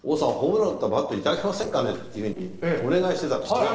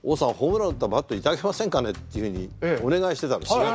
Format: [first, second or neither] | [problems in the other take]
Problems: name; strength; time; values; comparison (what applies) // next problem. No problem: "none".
second | noise reduction (neural separator model SepFormer DNS4)